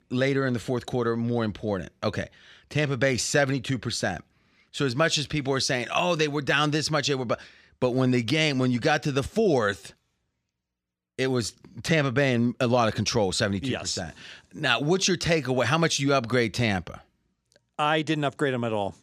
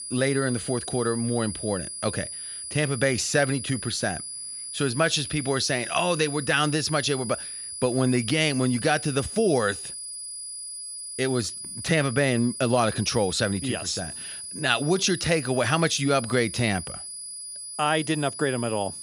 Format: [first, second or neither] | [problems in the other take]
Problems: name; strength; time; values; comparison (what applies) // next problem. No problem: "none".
first | high-pitched whine; loud; throughout; 10 kHz, 8 dB below the speech